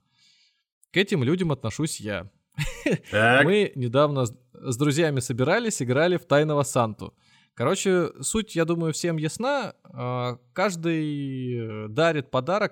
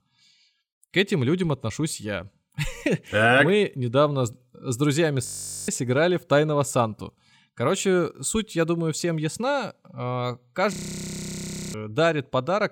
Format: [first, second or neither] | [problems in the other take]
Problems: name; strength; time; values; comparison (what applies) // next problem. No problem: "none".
first | audio freezing; at 5.5 s and at 11 s for 1 s